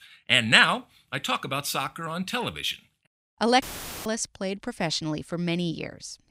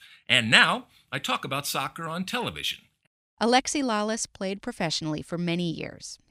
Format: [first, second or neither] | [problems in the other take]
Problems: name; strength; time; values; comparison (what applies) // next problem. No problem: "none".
second | audio cutting out; filled with static; at 3.5 s